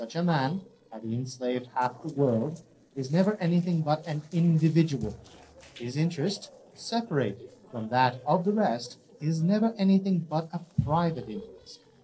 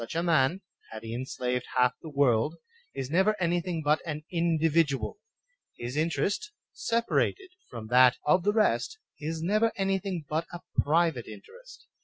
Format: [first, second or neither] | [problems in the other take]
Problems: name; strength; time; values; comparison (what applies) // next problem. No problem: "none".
second | noise reduction (neural separator model SepFormer DNS4)